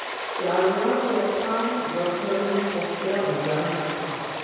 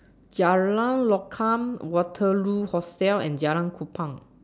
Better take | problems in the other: second | background sound (Stream); 6 dB below the speech // room echo; dies away in 2.2 s

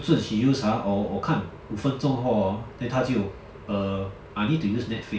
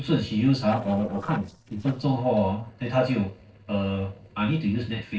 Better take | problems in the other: first | noise reduction (neural separator model SepFormer DNS4)

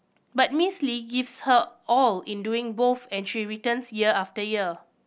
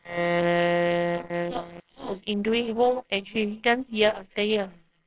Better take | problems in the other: first | noise reduction (neural separator model SepFormer WHAMR!)

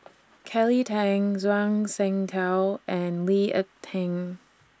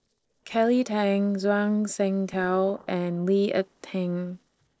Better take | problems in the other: first | noise reduction (neural separator model SepFormer DNS4)

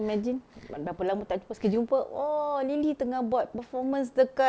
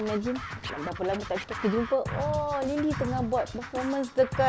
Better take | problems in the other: first | background sound (Scratching (performance technique)); 8 dB below the speech

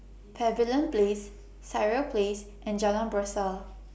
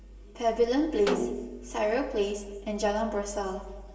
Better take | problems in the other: first | background sound (Snare drum); 9 dB below the speech // room echo; dies away in 1.3 s

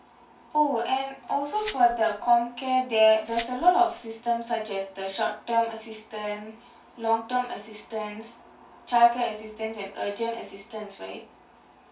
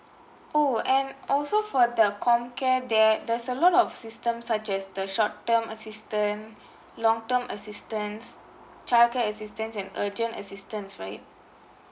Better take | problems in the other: second | background sound (Glass); 18 dB below the speech // room echo; dies away in 0.2 s

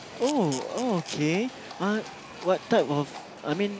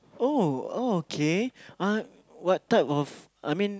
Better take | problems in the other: second | background sound (Camera + Livestock, farm animals, working animals); 13 dB below the speech

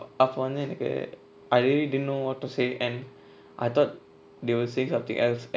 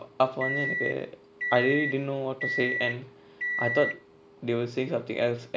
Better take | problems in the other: first | background sound (Microwave oven); 3 dB below the speech

